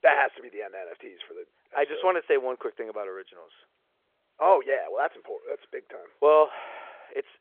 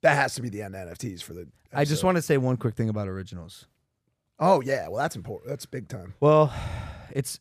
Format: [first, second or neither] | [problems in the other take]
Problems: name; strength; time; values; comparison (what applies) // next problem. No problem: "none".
second | phone-call audio; nothing above 3.5 kHz